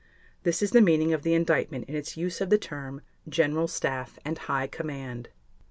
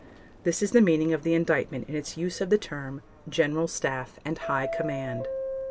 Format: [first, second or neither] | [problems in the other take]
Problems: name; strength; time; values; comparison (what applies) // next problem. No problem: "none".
first | background sound (Subway, metro, underground); 11 dB below the speech